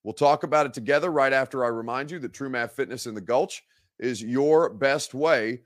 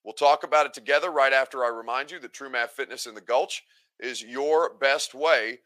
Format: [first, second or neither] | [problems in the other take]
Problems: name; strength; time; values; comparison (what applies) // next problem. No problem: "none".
first | thin; very; fading below 650 Hz